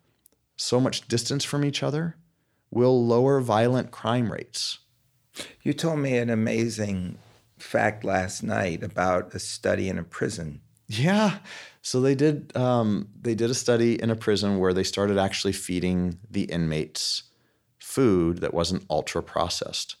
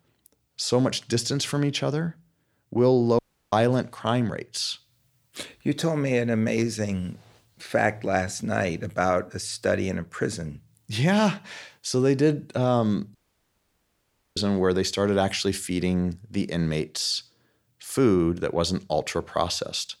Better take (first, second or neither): first